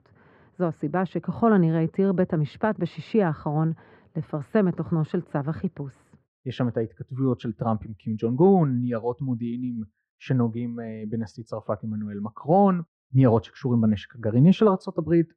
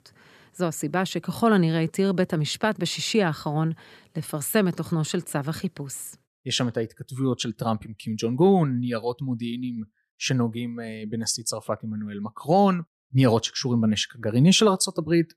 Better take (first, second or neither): second